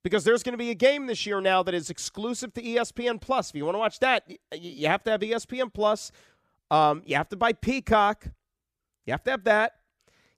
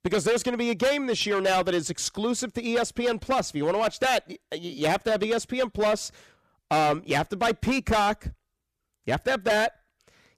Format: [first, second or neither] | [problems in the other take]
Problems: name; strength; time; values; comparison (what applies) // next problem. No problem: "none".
first | distortion; heavy; 12% of the sound clipped